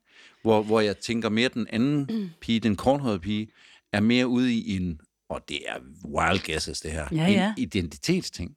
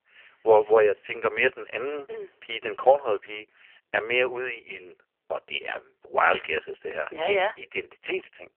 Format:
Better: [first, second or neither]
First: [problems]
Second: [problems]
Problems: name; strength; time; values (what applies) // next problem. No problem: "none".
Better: first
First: none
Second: phone-call audio; poor line; nothing above 3 kHz